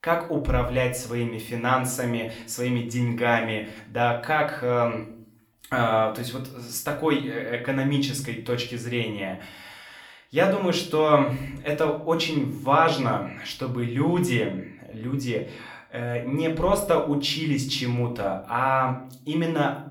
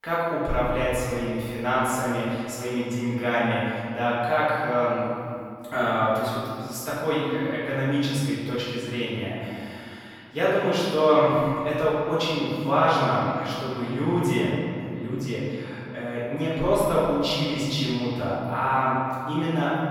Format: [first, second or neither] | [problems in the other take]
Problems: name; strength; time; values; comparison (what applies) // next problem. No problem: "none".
first | room echo; strong; dies away in 2.1 s; slight in the first // off-mic speech; far; somewhat distant in the first